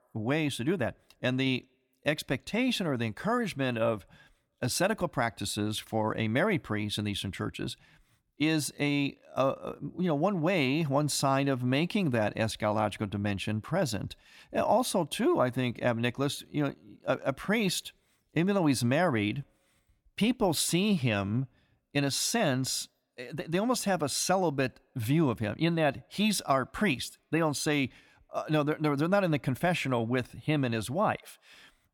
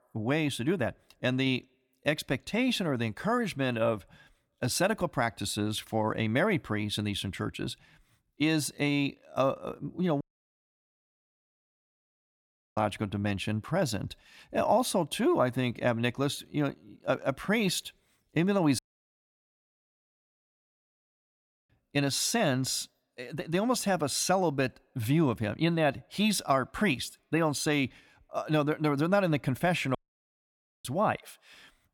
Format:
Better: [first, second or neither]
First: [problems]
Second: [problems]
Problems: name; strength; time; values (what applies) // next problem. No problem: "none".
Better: first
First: none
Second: audio cutting out; at 10 s for 2.5 s, at 19 s for 3 s and at 30 s for 1 s